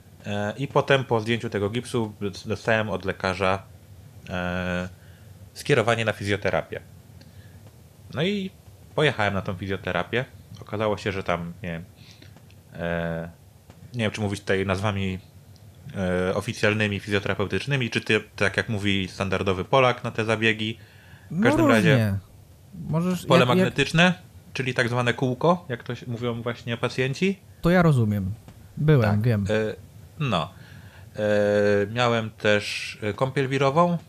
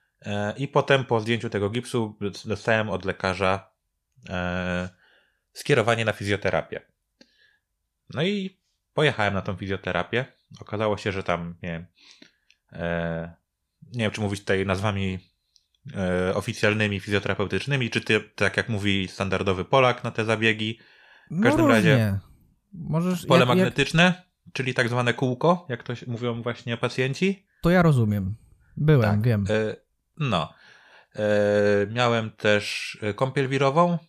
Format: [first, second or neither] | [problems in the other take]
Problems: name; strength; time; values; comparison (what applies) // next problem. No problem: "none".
second | hiss; faint; throughout; 25 dB below the speech